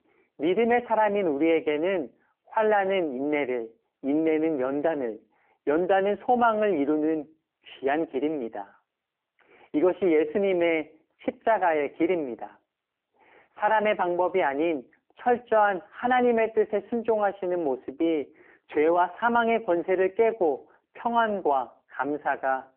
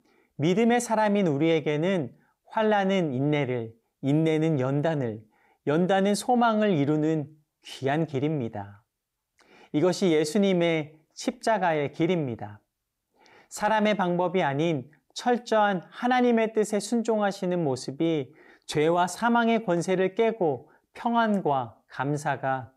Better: second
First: phone-call audio; poor line; nothing above 3 kHz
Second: none

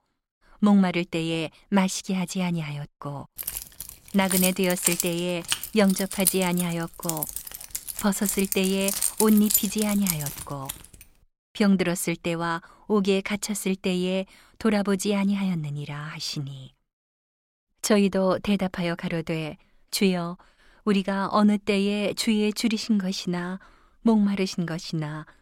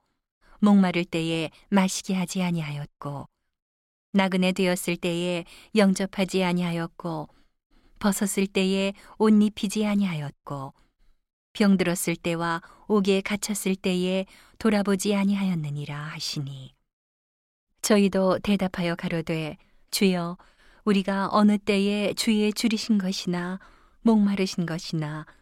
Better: second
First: jangling keys; loud; from 3.5 to 11 s; peak 2 dB above the speech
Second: none

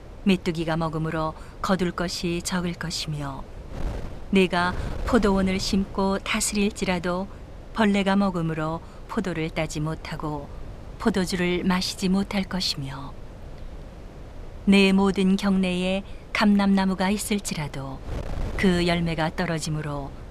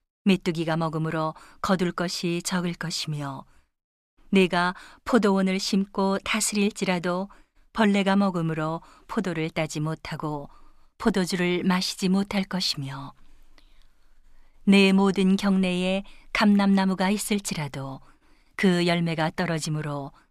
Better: second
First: wind noise on the microphone; occasional gusts; 20 dB below the speech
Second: none

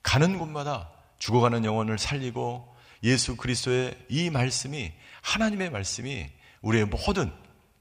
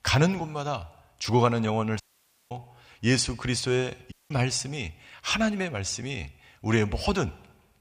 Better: first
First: none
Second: audio cutting out; at 2 s for 0.5 s and at 4 s

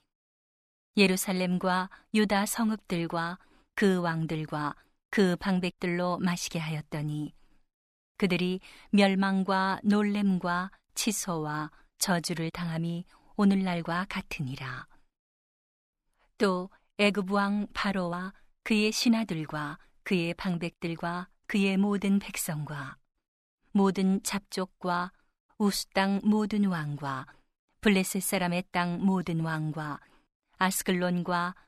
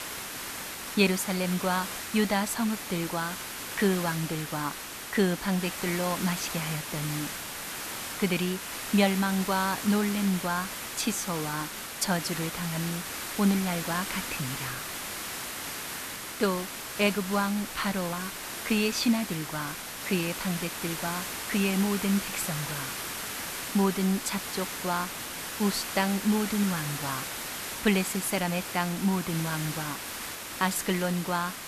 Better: first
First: none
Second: hiss; loud; throughout; 5 dB below the speech

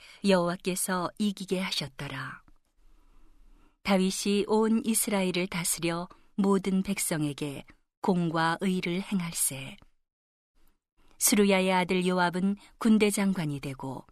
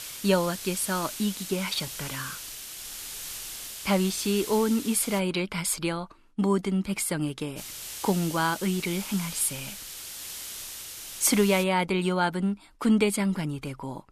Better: first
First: none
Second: hiss; loud; until 5 s and from 7.5 to 12 s; 9 dB below the speech

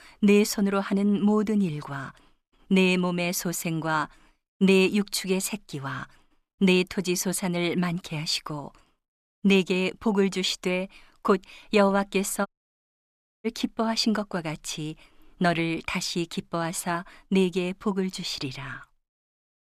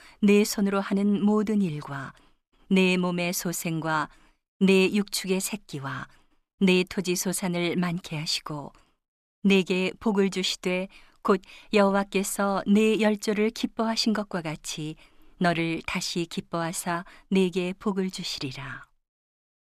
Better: second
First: audio cutting out; at 12 s for 1 s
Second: none

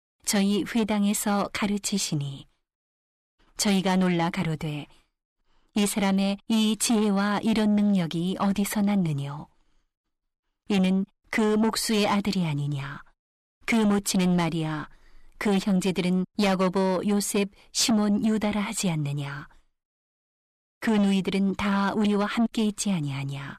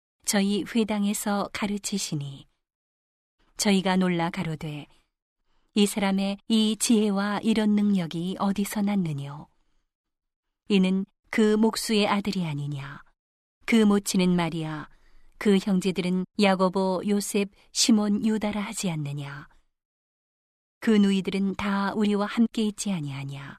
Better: second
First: distortion; slight; 10 dB below the speech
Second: none

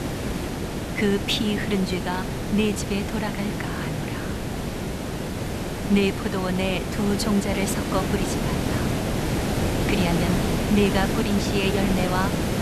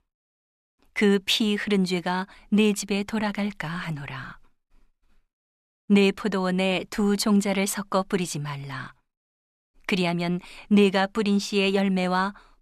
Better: second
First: hiss; loud; throughout; 1 dB below the speech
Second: none

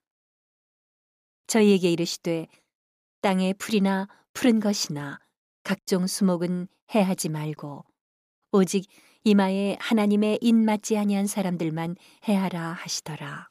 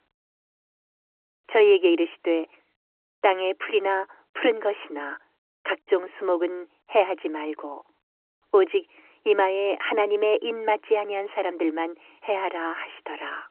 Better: first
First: none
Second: phone-call audio; nothing above 3 kHz

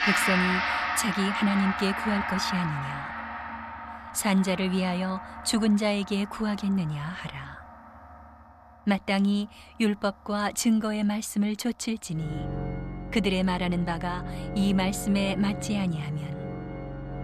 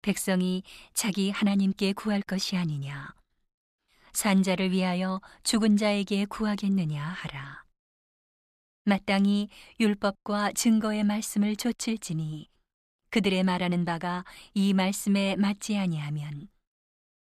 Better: second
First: background music; loud; throughout; 5 dB below the speech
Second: none

